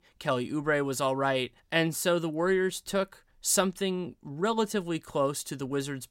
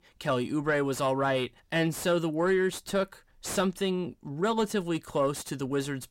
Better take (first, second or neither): first